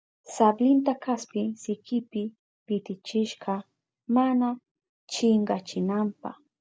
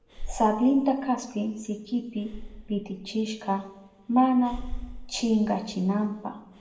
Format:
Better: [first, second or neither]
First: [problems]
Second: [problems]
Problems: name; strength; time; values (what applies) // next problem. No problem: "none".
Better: first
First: none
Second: background sound (Breathing); 13 dB below the speech // room echo; dies away in 0.8 s